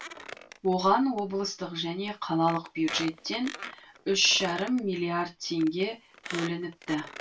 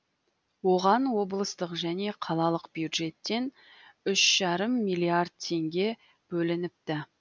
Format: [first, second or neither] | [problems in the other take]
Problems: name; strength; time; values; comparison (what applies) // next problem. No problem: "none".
second | background sound (Squeak); 15 dB below the speech // room echo; dies away in 0.2 s